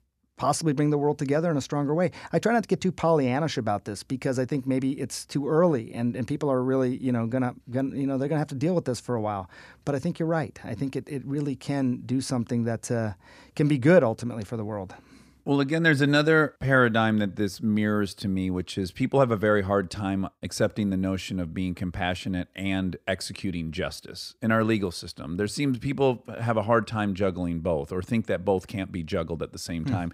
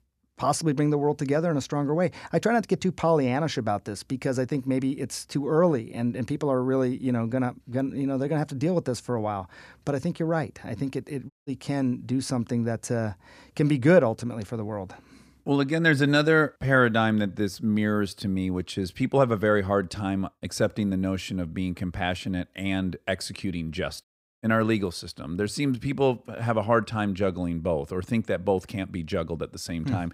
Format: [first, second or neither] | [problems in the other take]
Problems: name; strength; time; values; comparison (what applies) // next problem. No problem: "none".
first | audio cutting out; at 11 s and at 24 s